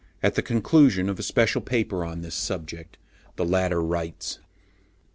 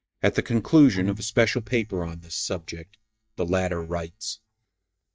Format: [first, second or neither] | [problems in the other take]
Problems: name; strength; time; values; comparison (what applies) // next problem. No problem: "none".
first | noise reduction (neural mask model DeepFilterNet 3)